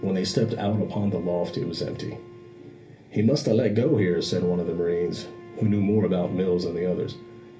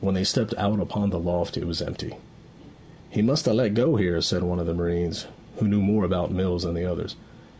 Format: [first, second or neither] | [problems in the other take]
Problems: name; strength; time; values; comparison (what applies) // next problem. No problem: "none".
second | background sound (Wind instrument, woodwind instrument); 19 dB below the speech // room echo; dies away in 0.3 s